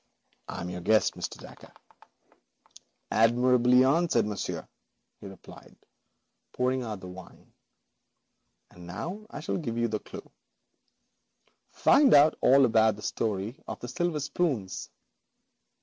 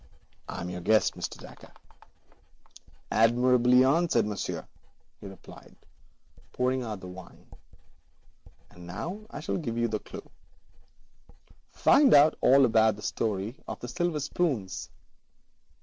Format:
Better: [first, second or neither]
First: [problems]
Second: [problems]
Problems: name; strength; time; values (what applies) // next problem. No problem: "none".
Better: first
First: none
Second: background sound (Writing); 18 dB below the speech